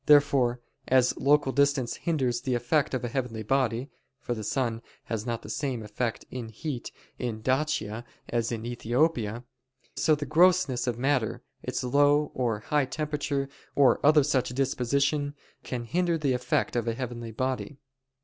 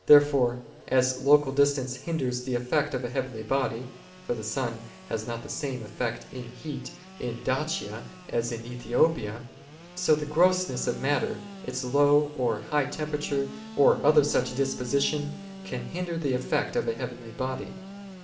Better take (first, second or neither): first